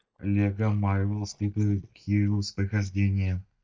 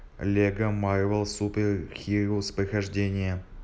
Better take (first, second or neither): second